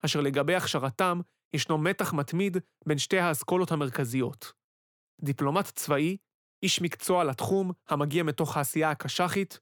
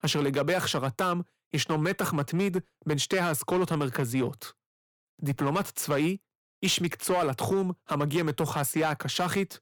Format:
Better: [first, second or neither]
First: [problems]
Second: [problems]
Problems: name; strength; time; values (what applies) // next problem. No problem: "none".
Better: first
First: none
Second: distortion; slight; 7% of the sound clipped